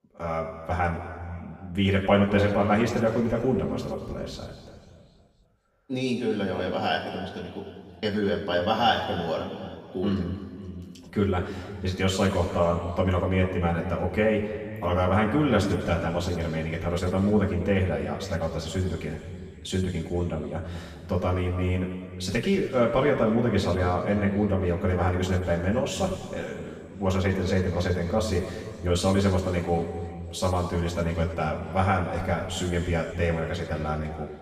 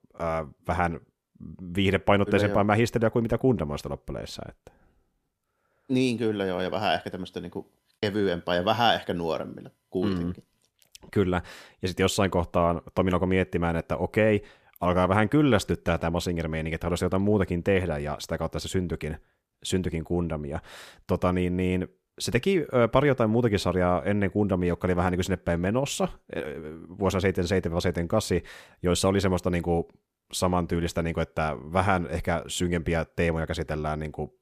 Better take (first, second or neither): second